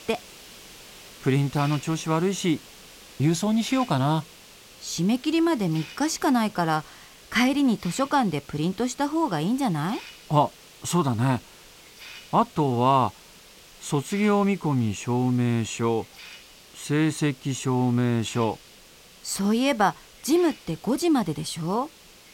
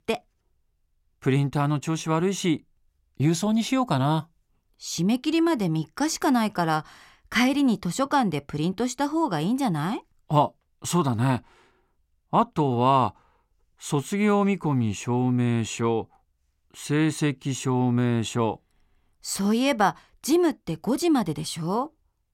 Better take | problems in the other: second | hiss; faint; throughout; 20 dB below the speech

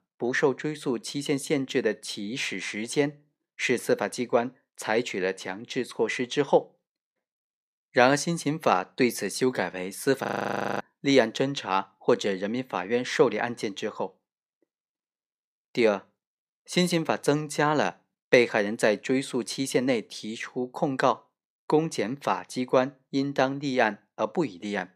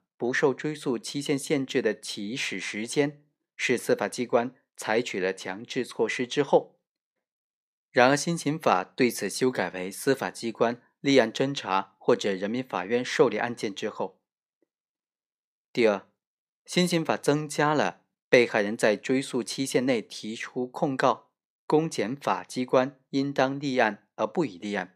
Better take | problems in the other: second | audio freezing; at 10 s for 0.5 s

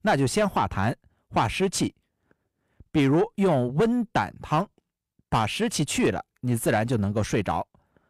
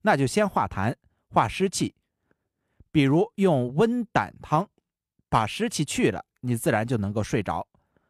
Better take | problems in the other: second | distortion; slight; 10 dB below the speech

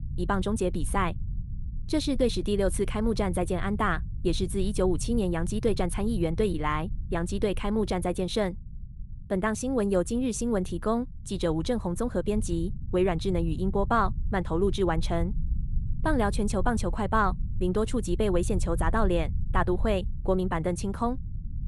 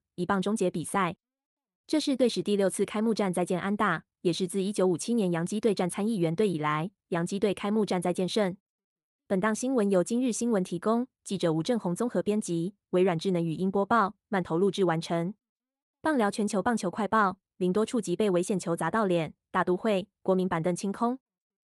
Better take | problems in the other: second | low rumble; faint; throughout; 20 dB below the speech

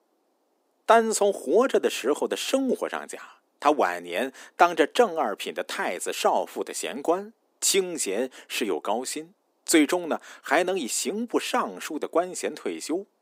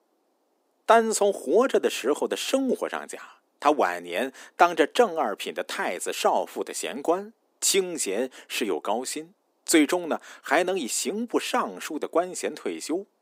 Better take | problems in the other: neither | thin; somewhat; fading below 300 Hz; the same in both

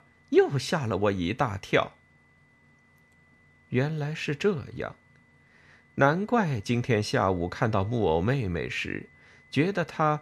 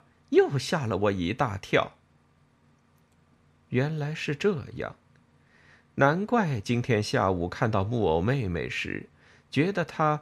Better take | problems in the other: second | high-pitched whine; faint; throughout; 2 kHz, 30 dB below the speech

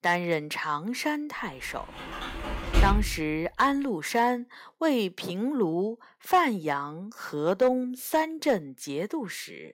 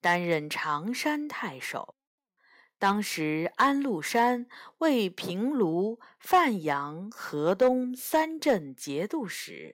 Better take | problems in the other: second | door banging; loud; at 2 s; peak 2 dB above the speech

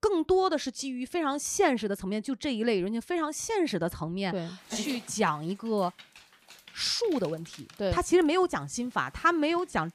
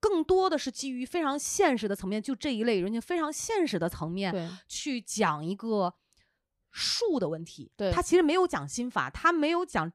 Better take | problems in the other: second | dog barking; noticeable; from 4.5 s on; peak 8 dB below the speech

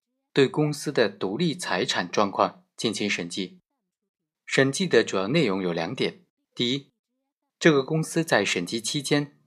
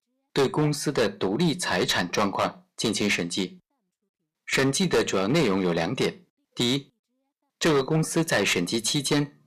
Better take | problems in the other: first | distortion; heavy; 10% of the sound clipped

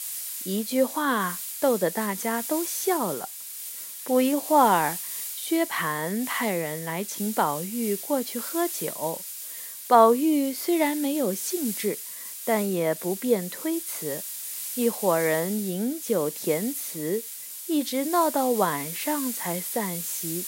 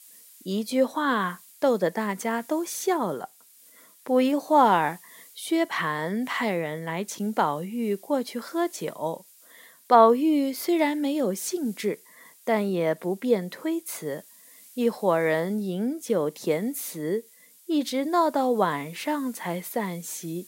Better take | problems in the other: second | hiss; loud; throughout; 7 dB below the speech; faint in the second

